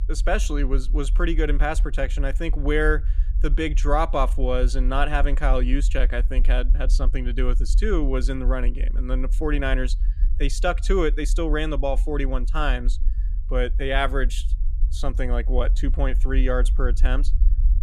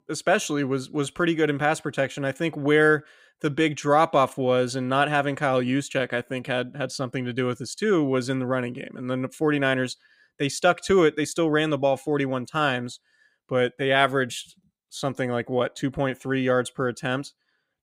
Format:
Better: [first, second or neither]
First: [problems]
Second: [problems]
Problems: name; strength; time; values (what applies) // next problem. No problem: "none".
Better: second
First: low rumble; faint; throughout; 20 dB below the speech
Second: none